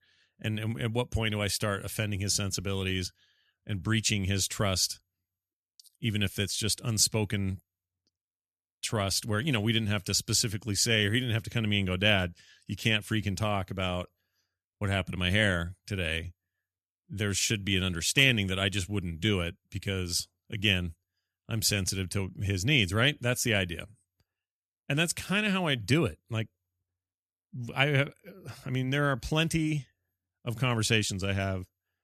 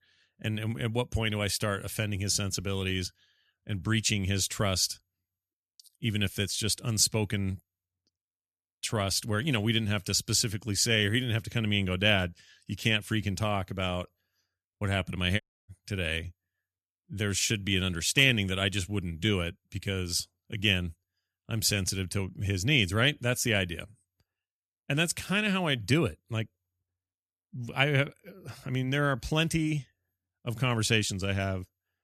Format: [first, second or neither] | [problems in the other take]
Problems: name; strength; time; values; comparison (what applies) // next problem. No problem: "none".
first | audio cutting out; at 15 s